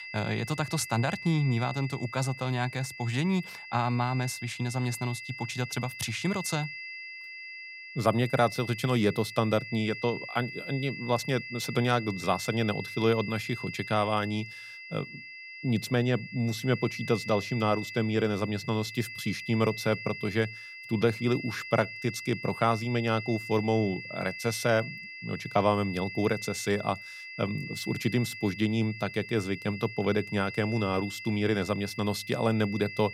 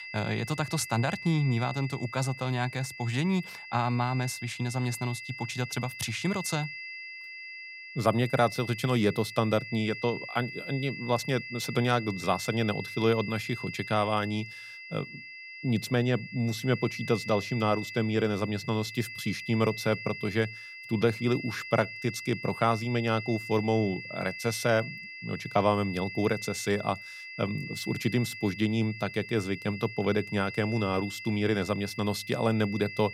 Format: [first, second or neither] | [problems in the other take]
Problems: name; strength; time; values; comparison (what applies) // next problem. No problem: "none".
neither | high-pitched whine; loud; throughout; 2 kHz, 10 dB below the speech; the same in both